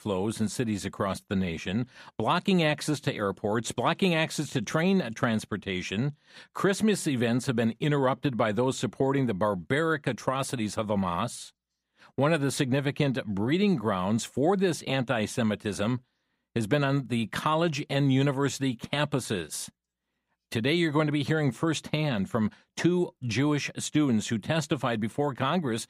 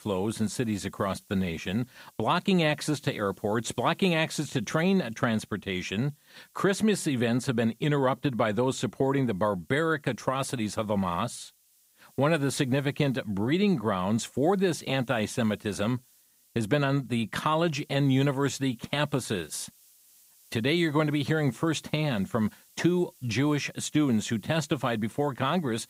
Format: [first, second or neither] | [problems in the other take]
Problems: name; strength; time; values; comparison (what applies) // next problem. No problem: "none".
first | hiss; faint; throughout; 30 dB below the speech